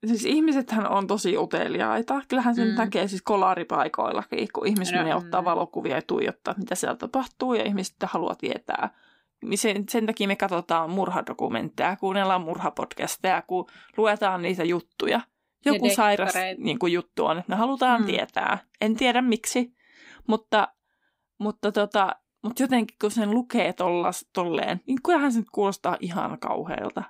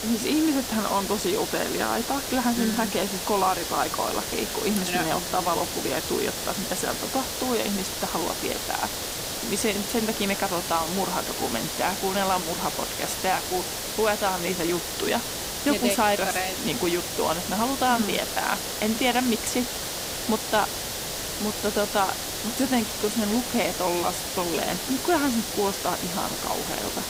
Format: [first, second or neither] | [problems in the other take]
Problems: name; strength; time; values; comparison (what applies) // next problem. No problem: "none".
first | hiss; loud; throughout; 2 dB below the speech